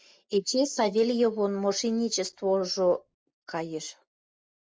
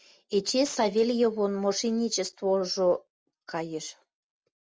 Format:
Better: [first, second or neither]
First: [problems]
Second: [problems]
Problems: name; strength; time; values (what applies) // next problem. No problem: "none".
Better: second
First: noise reduction (neural mask model Resemble Enhance denoiser)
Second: none